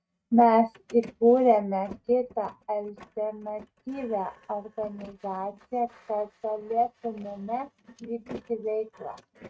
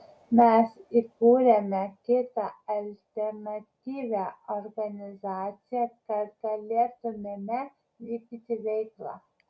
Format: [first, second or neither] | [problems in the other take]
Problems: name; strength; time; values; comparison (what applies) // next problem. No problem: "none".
second | noise reduction (neural mask model RNNoise)